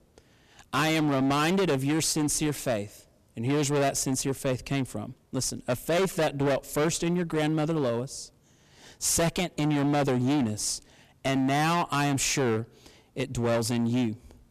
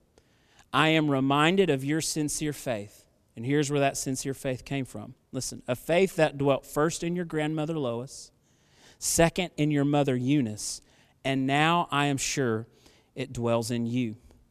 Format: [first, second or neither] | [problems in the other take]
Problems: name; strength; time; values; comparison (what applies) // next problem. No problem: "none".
second | distortion; heavy; 18% of the sound clipped